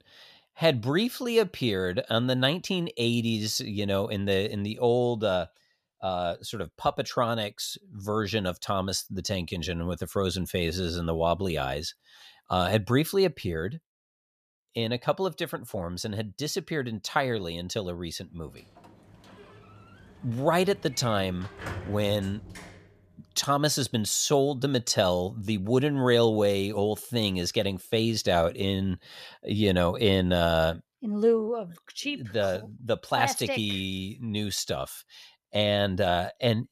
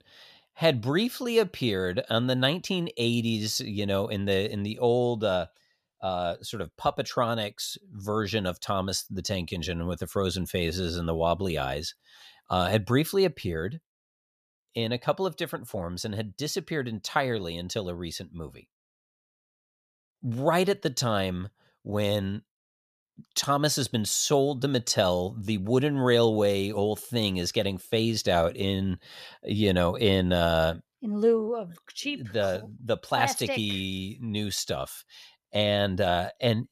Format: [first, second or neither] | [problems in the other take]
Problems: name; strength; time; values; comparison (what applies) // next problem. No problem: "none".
second | door banging; noticeable; from 19 to 23 s; peak 10 dB below the speech